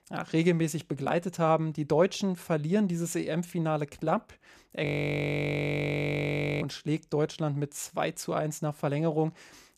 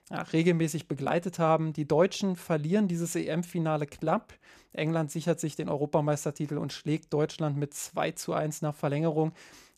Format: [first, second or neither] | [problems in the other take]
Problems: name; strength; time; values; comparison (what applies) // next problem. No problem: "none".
second | audio freezing; at 5 s for 2 s